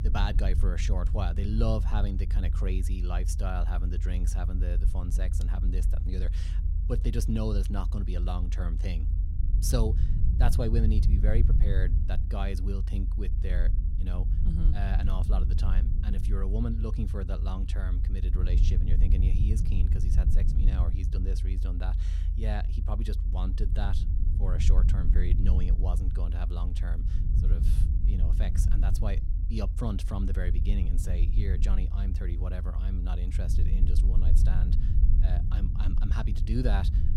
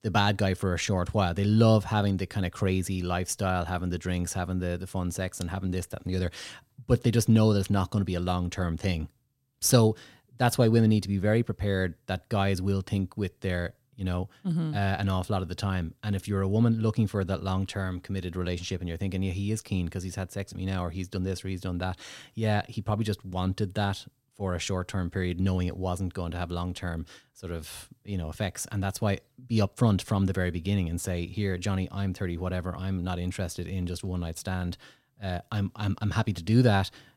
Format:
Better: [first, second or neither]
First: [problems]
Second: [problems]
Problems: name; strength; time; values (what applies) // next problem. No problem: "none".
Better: second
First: low rumble; loud; throughout; 6 dB below the speech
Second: none